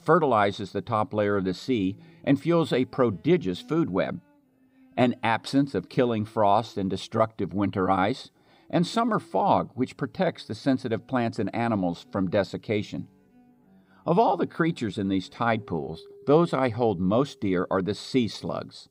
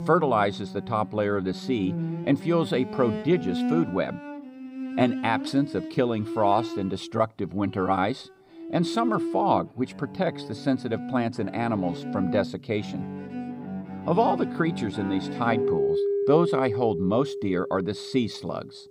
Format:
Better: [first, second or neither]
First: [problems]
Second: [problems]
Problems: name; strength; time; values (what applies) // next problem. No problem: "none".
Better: first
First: background music; faint; throughout; 30 dB below the speech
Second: background music; loud; throughout; 6 dB below the speech